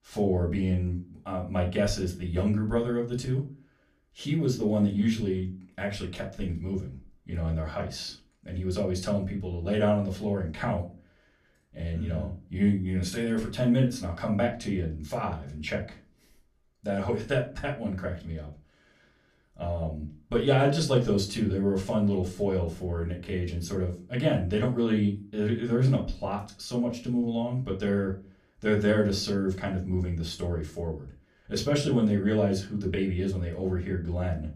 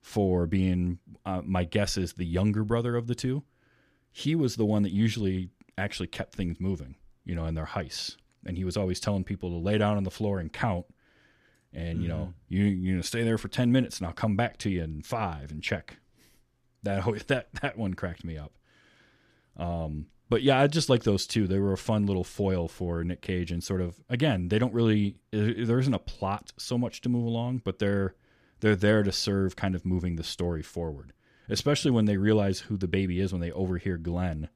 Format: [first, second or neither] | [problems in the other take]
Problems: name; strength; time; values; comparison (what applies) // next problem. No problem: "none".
second | off-mic speech; far // room echo; very slight; dies away in 0.3 s